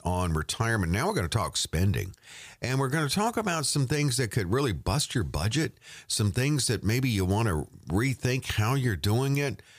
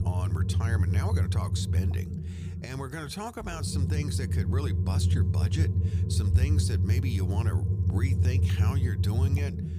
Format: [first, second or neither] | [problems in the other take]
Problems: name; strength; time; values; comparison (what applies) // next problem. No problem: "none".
first | low rumble; loud; throughout; 2 dB below the speech